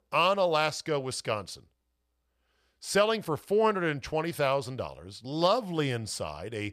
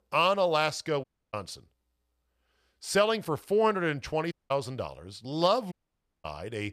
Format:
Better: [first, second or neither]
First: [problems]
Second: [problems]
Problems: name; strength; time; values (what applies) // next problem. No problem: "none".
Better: first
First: none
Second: audio cutting out; at 1 s, at 4.5 s and at 5.5 s for 0.5 s